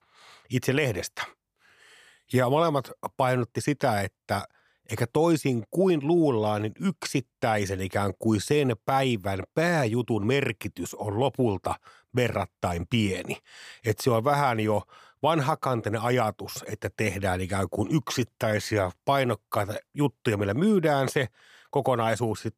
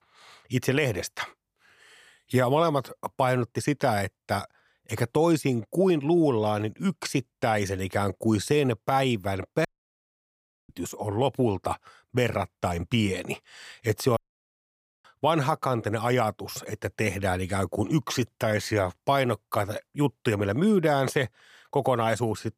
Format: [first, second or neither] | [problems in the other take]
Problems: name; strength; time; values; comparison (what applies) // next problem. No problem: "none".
first | audio cutting out; at 9.5 s for 1 s and at 14 s for 1 s